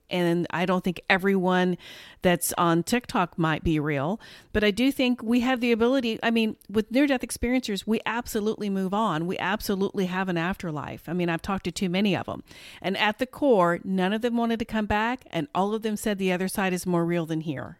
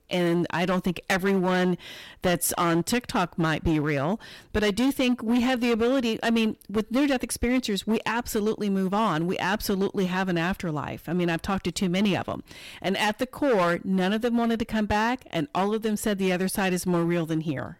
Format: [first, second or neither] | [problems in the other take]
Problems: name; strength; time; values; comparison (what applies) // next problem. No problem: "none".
first | distortion; slight; 10% of the sound clipped